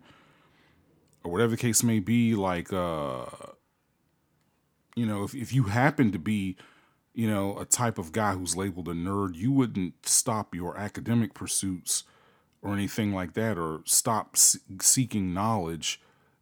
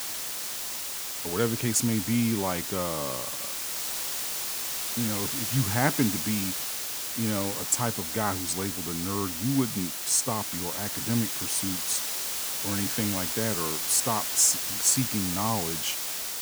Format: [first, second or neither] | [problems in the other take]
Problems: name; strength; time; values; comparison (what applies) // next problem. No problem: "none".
first | hiss; loud; throughout; 1 dB below the speech